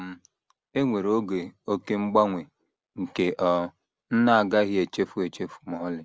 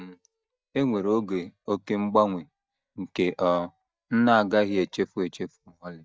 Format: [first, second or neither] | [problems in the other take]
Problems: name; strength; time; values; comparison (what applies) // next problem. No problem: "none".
first | noise reduction (neural mask model DeepFilterNet 3)